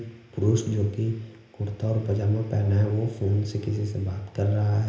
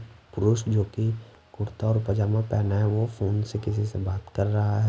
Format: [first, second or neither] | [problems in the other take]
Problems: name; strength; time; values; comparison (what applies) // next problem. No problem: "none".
second | room echo; dies away in 0.8 s